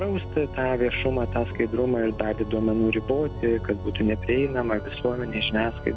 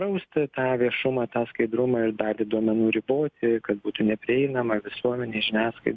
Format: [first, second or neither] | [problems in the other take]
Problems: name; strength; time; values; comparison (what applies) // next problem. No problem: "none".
second | background sound (Organ); 8 dB below the speech